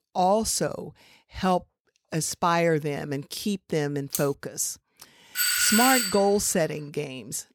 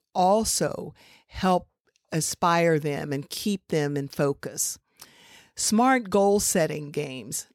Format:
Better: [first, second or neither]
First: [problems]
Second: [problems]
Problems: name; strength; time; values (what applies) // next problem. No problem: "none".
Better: second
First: clattering dishes; noticeable; at 4 s; peak 7 dB below the speech // doorbell; loud; at 5.5 s; peak 5 dB above the speech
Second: none